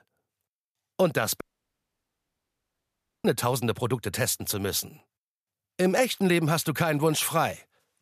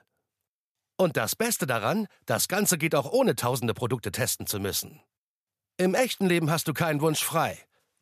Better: second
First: audio cutting out; at 1.5 s for 2 s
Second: none

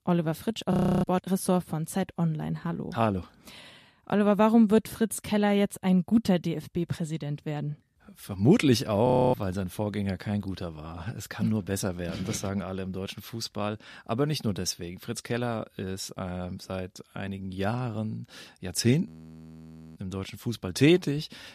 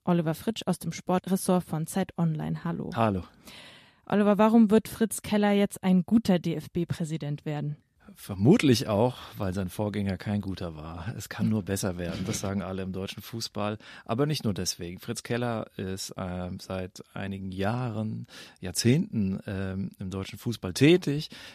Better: second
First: audio freezing; at 0.5 s, at 9 s and at 19 s for 1 s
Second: none

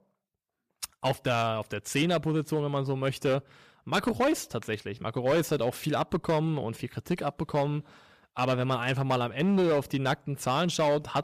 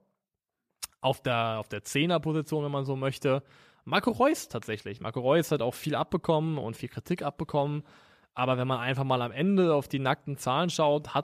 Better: second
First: distortion; slight; 6% of the sound clipped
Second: none

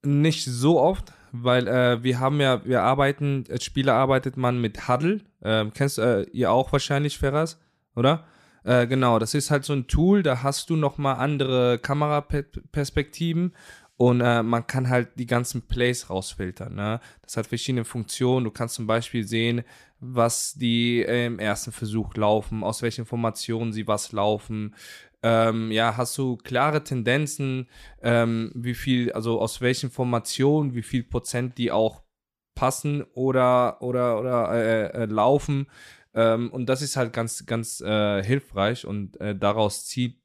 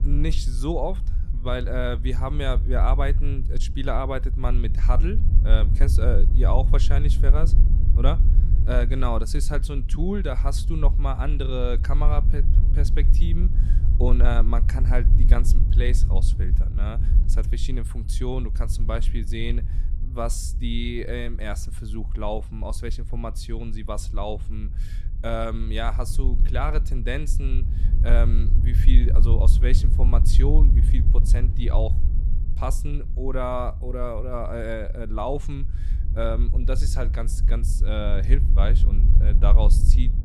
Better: first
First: none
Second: low rumble; noticeable; throughout; 10 dB below the speech

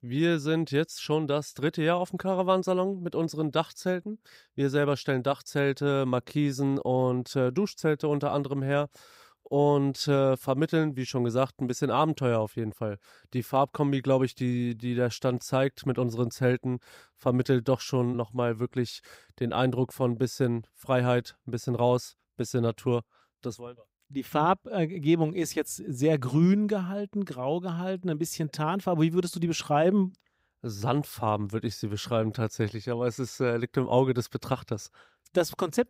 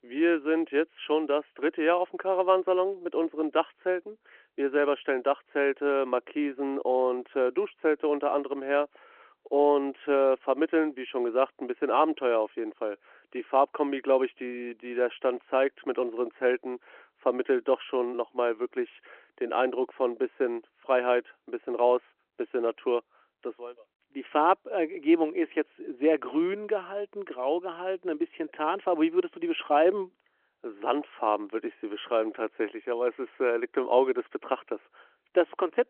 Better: first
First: none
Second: phone-call audio

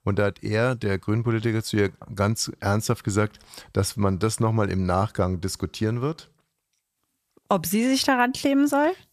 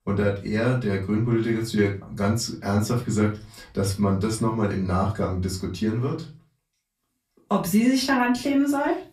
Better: first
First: none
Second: off-mic speech; far // room echo; very slight; dies away in 0.3 s

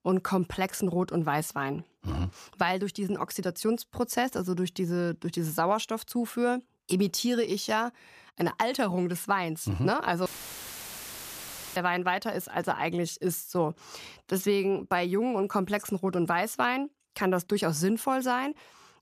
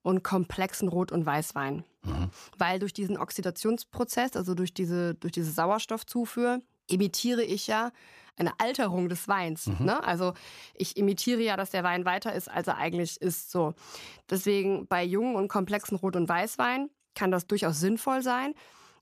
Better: second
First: audio cutting out; filled with static; at 10 s for 1.5 s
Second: none

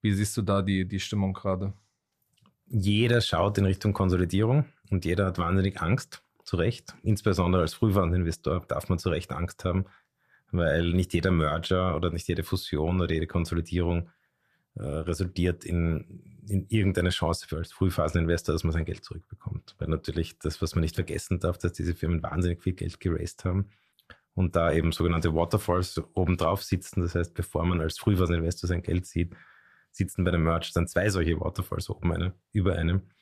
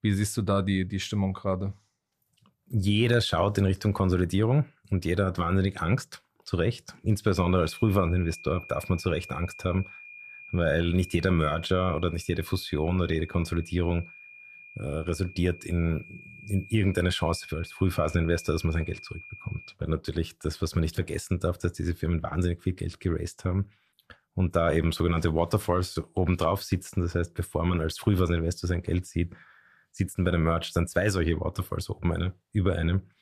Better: first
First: none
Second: high-pitched whine; noticeable; from 7.5 to 20 s; 2.5 kHz, 15 dB below the speech

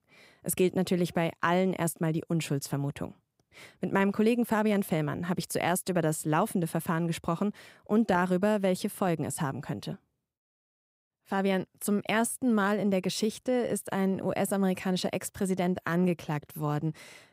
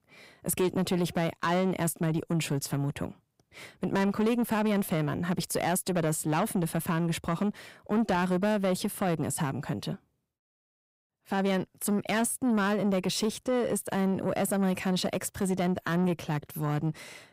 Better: first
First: none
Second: distortion; slight; 10 dB below the speech

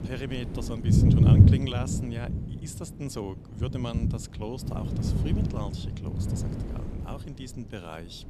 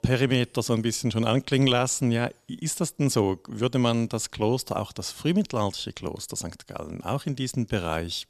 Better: second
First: wind noise on the microphone; heavy; 3 dB above the speech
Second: none

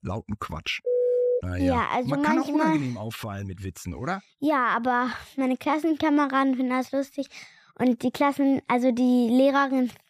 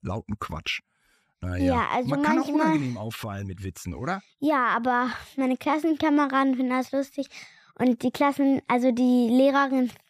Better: second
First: phone ringing; loud; at 1 s; peak 2 dB above the speech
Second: none

